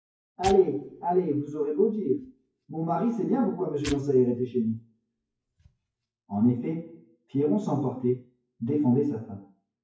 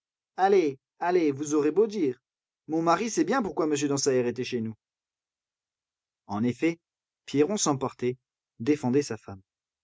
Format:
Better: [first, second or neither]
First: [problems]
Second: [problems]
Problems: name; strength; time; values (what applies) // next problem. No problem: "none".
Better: second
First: noise reduction (classical method WPE with log-MMSE)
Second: none